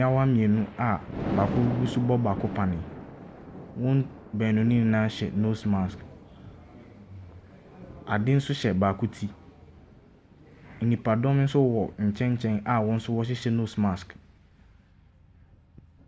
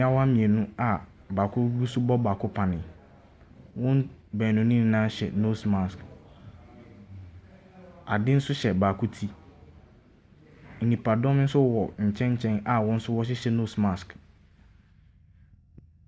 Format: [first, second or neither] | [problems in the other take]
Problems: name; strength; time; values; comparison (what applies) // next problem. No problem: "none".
second | background sound (Thunder); 14 dB below the speech